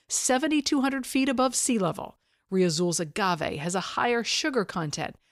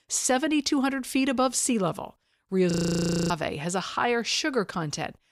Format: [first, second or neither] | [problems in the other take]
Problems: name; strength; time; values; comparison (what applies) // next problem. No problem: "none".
first | audio freezing; at 2.5 s for 0.5 s